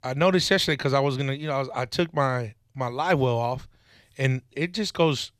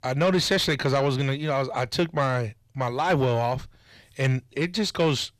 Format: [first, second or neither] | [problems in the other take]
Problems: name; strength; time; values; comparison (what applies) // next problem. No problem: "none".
first | distortion; slight; 10 dB below the speech